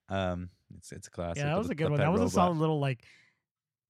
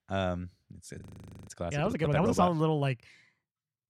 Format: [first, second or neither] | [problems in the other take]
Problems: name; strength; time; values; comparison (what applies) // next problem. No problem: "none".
first | audio freezing; at 1 s